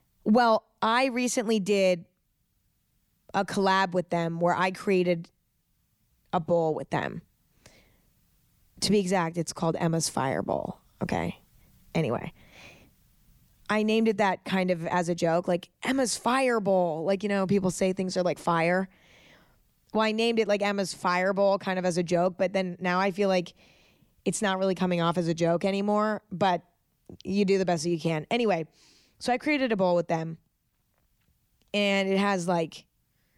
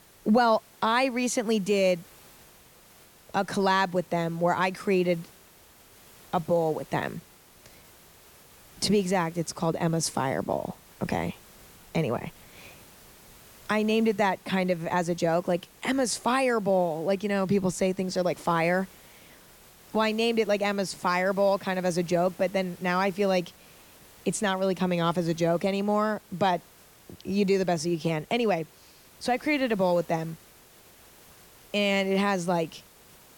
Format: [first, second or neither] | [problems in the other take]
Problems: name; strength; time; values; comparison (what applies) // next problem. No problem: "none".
first | hiss; faint; throughout; 25 dB below the speech